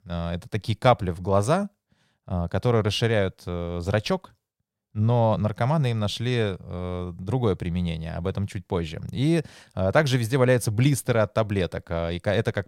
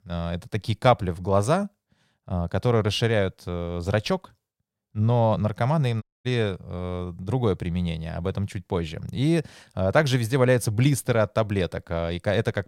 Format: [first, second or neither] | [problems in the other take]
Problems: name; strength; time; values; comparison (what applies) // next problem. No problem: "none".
first | audio cutting out; at 6 s